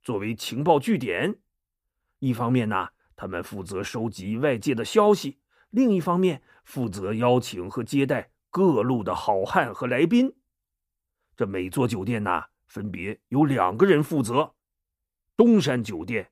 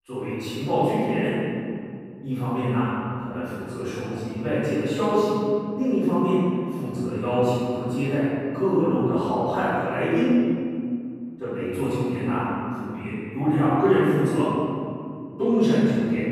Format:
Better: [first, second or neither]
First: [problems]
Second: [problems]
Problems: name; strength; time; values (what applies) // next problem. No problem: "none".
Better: first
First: none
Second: off-mic speech; far // room echo; strong; dies away in 2.5 s